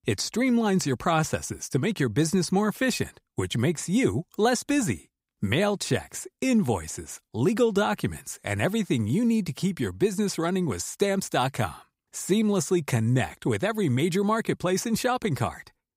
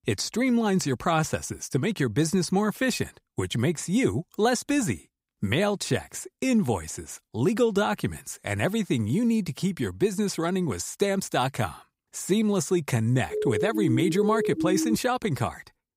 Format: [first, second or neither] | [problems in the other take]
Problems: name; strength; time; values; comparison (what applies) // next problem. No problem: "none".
first | siren; noticeable; from 13 to 15 s; peak 1 dB below the speech